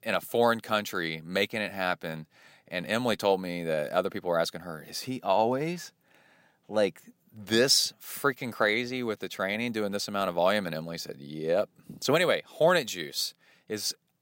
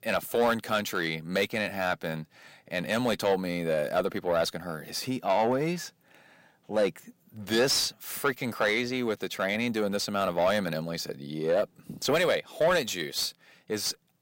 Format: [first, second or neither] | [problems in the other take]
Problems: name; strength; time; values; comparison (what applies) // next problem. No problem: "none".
first | distortion; slight; 10 dB below the speech